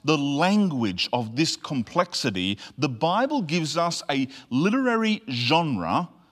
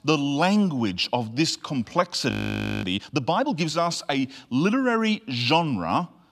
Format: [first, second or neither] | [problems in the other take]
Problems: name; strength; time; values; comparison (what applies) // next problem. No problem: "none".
first | audio freezing; at 2.5 s for 0.5 s